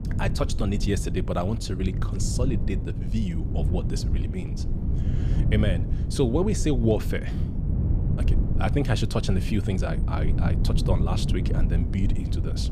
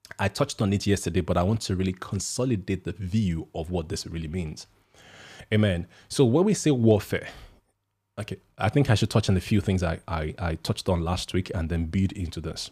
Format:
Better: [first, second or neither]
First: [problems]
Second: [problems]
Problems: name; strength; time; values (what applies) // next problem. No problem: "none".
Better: second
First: wind noise on the microphone; heavy; 8 dB below the speech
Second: none